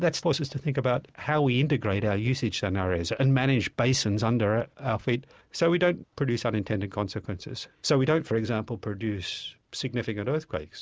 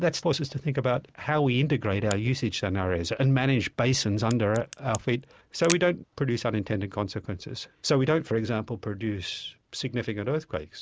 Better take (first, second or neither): first